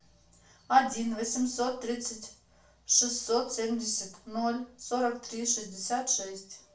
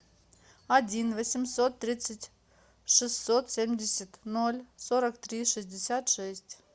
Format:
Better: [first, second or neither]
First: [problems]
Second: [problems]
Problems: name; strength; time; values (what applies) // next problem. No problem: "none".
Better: second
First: room echo; dies away in 0.4 s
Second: none